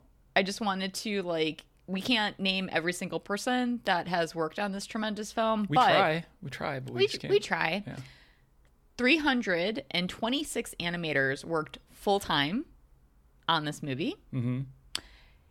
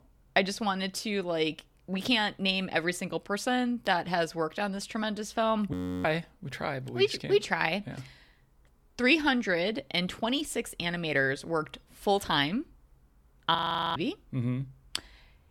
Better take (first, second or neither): first